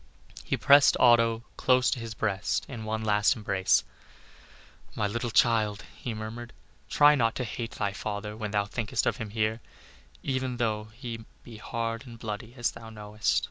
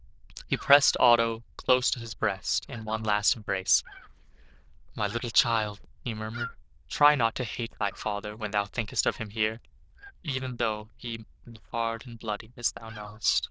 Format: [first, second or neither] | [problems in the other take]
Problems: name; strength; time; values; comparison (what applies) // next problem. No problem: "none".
first | noise reduction (neural diffusion model UNIVERSE++)